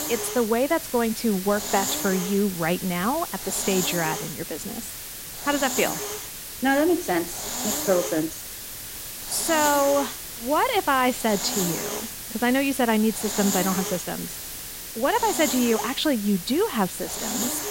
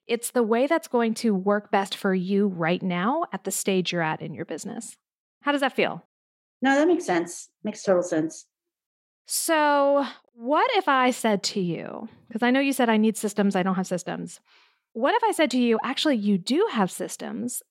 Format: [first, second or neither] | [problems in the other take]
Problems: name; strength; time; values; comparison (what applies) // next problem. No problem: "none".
second | hiss; loud; throughout; 5 dB below the speech